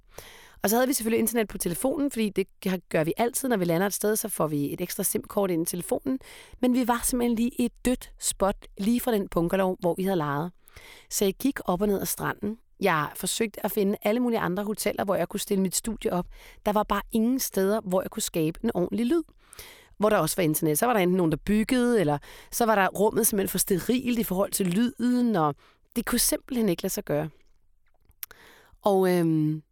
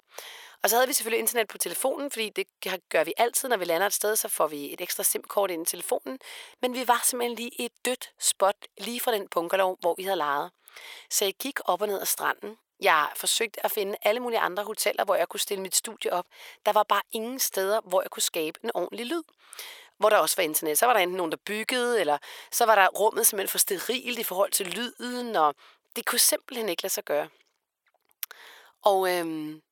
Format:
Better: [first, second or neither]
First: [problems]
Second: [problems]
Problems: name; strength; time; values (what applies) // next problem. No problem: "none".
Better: first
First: none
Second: thin; very; fading below 650 Hz